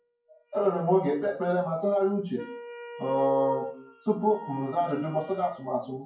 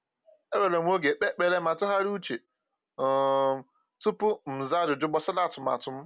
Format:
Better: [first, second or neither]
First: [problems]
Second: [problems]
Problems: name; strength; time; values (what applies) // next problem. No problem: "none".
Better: second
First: noise reduction (classical method WPE with log-MMSE)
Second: none